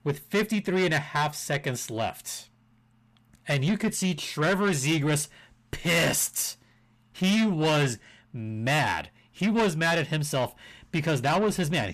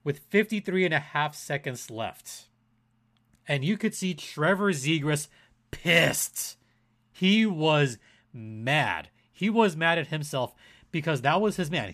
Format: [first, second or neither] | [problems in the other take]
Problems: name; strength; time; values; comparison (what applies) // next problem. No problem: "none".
second | distortion; heavy; 8 dB below the speech